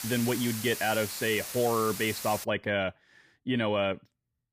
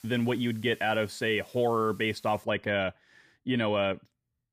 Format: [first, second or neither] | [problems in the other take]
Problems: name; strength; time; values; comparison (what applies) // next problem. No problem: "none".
second | hiss; loud; until 2.5 s; 7 dB below the speech; faint in the second